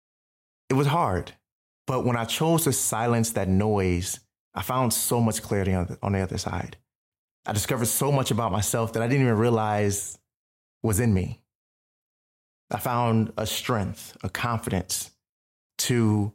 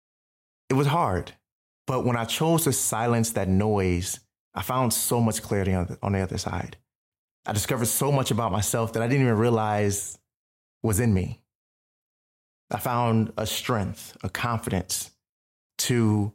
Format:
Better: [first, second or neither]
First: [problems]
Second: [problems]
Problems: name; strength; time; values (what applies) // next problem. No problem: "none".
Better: neither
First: none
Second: none